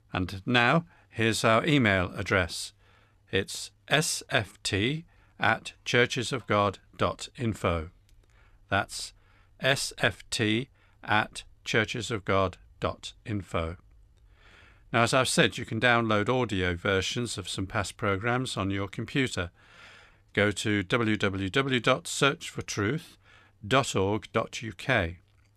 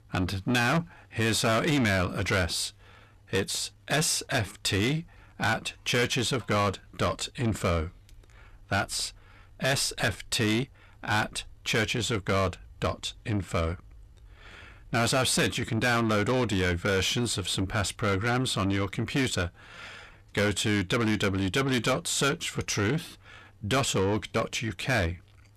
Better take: first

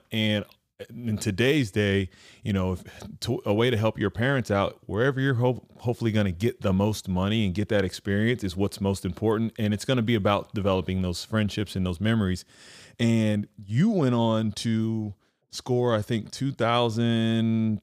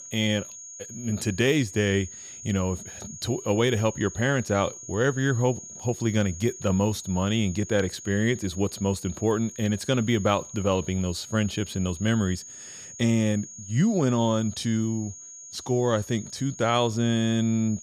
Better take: first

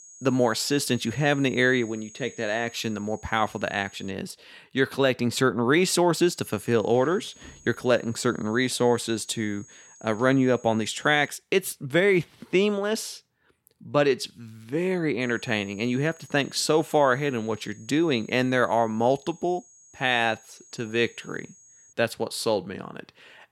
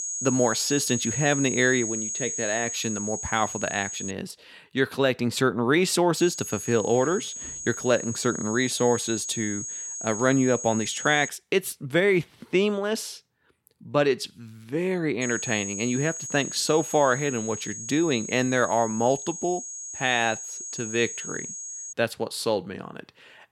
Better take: first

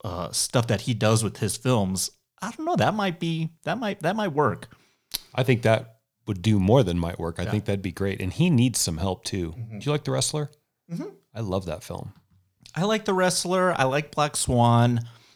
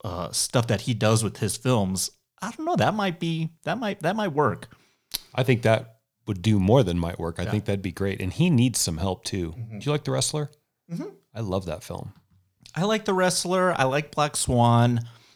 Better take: neither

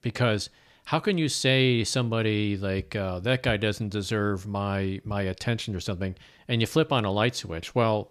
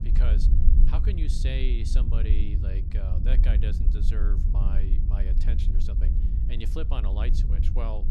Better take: first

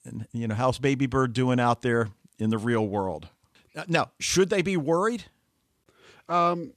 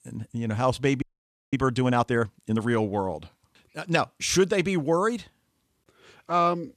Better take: first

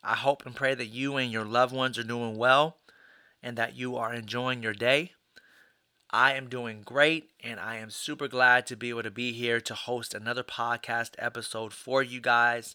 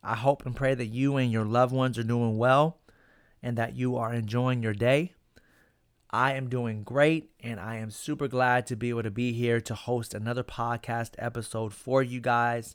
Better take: second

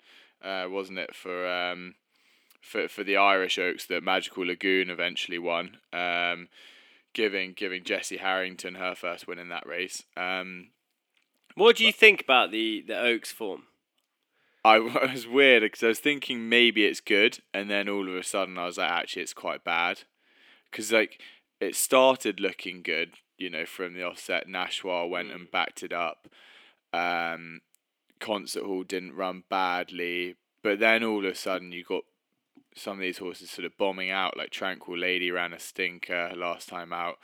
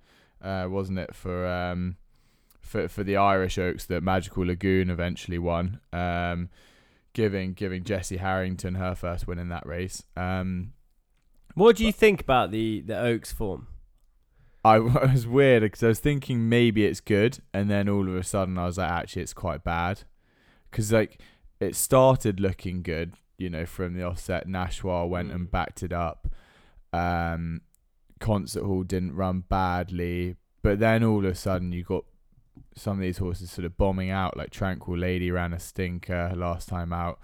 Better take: second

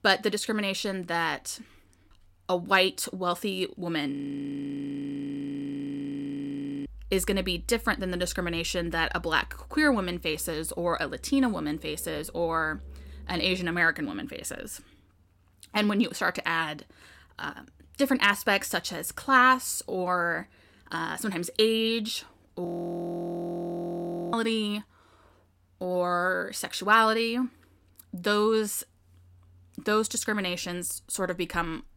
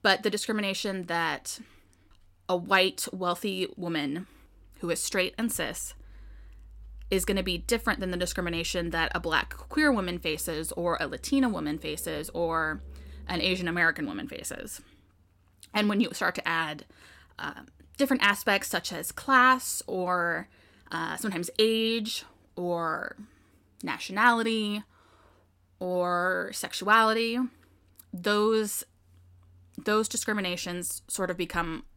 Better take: second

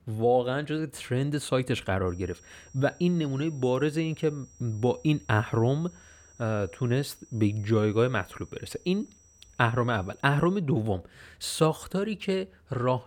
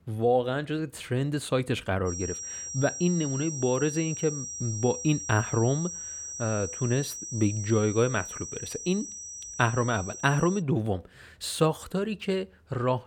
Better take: first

